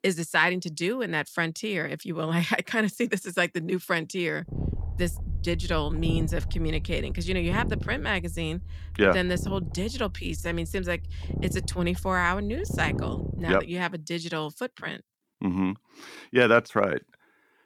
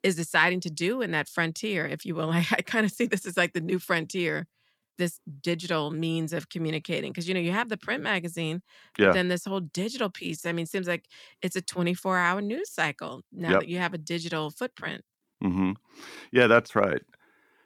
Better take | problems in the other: second | low rumble; noticeable; from 4.5 to 14 s; 15 dB below the speech

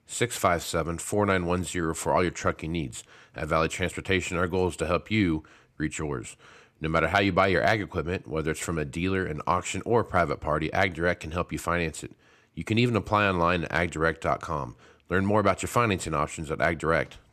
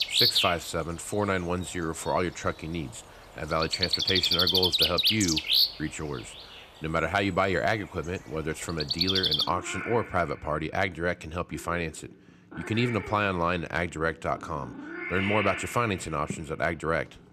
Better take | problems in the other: first | animal sounds; very loud; throughout; 4 dB above the speech

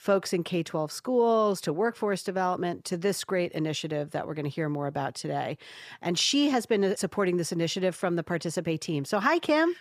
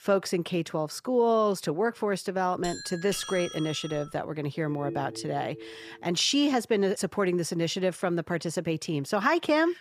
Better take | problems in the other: first | doorbell; noticeable; from 2.5 to 4 s; peak 8 dB below the speech // phone ringing; faint; from 4.5 to 6 s; peak 10 dB below the speech

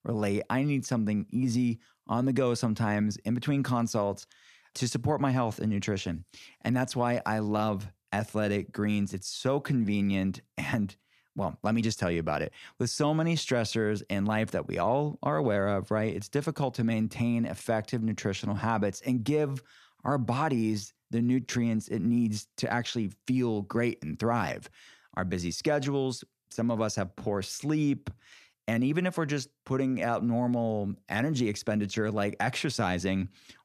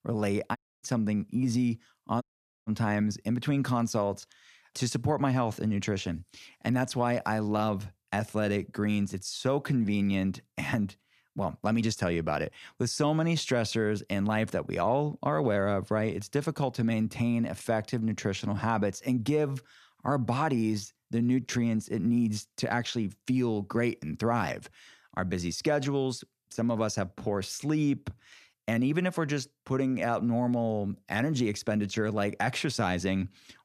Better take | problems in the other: first | audio cutting out; at 0.5 s and at 2 s

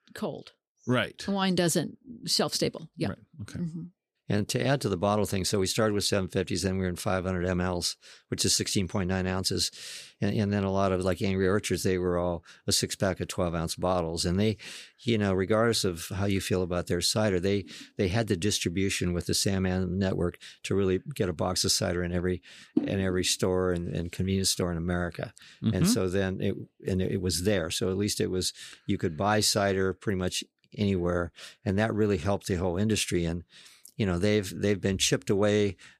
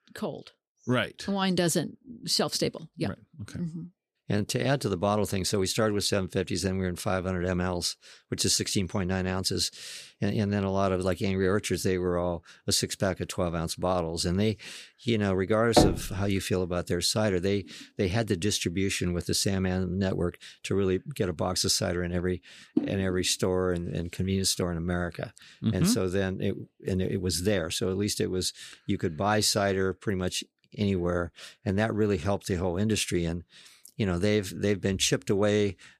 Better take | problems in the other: first | door banging; loud; at 16 s; peak 4 dB above the speech

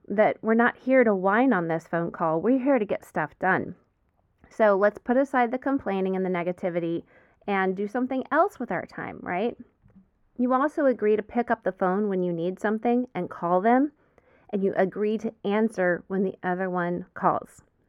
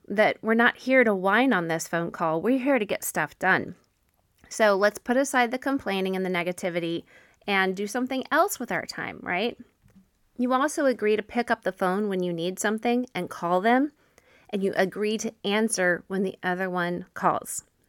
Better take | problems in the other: second | muffled; very; fading above 3 kHz

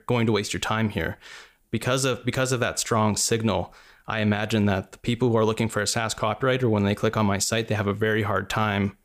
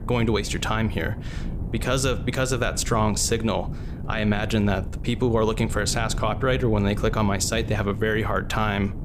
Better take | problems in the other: first | wind noise on the microphone; occasional gusts; 15 dB below the speech

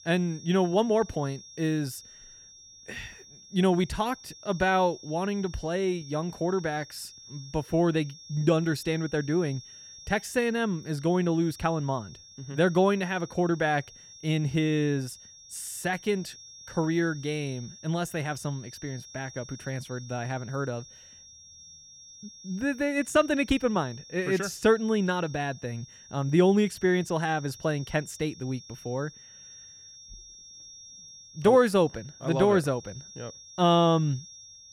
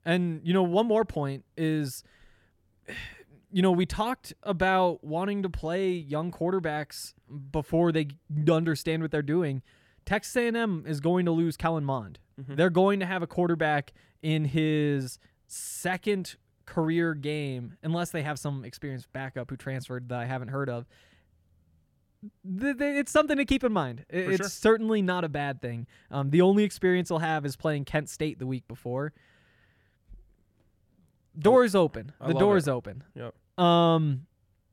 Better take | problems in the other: second | high-pitched whine; noticeable; throughout; 5.5 kHz, 20 dB below the speech

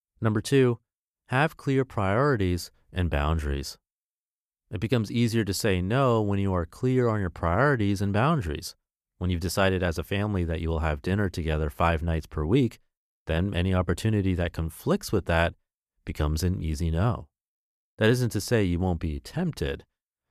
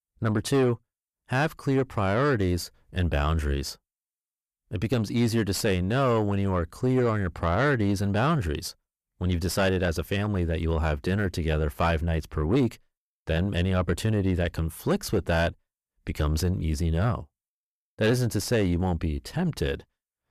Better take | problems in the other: first | distortion; slight; 10 dB below the speech

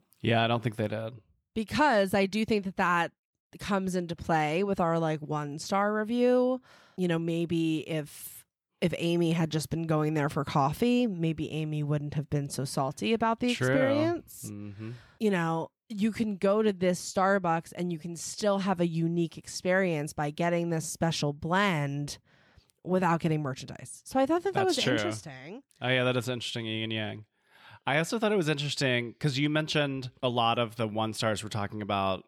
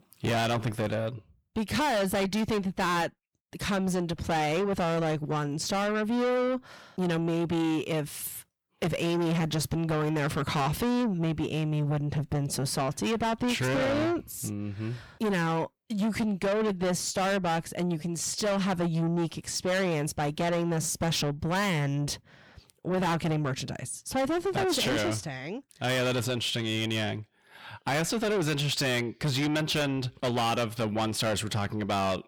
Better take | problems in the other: first | distortion; heavy; 6 dB below the speech

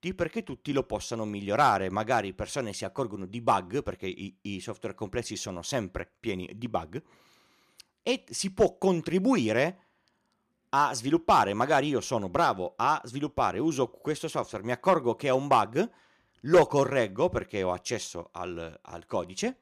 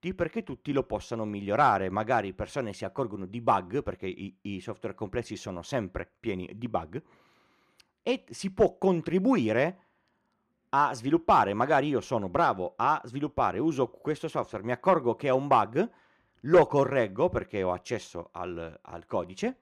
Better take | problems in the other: first | muffled; slightly; fading above 3.5 kHz

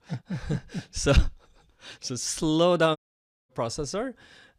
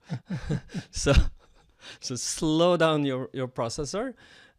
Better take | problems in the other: second | audio cutting out; at 3 s for 0.5 s

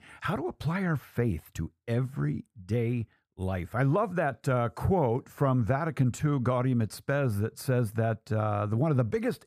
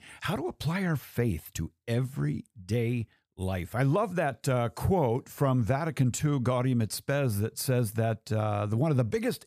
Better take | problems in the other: second | muffled; slightly; fading above 2.5 kHz

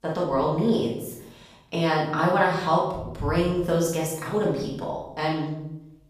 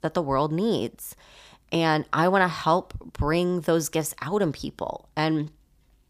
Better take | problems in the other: second | off-mic speech; far // room echo; noticeable; dies away in 0.7 s

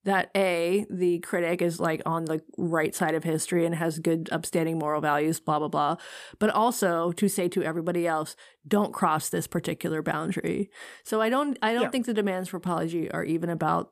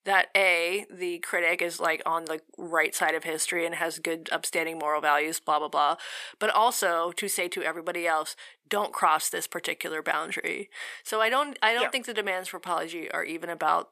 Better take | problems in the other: first | thin; very; fading below 600 Hz

